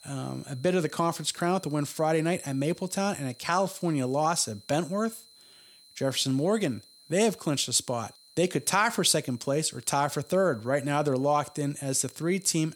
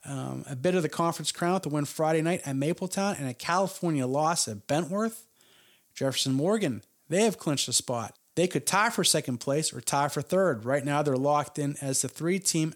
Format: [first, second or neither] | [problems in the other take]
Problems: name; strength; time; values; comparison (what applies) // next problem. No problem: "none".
second | high-pitched whine; faint; throughout; 4 kHz, 25 dB below the speech